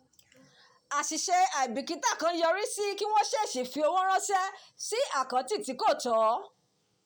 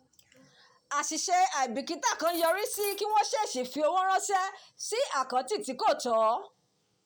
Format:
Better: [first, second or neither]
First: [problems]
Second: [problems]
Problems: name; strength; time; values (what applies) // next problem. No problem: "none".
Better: first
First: none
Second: background sound (Cutlery, silverware); 15 dB below the speech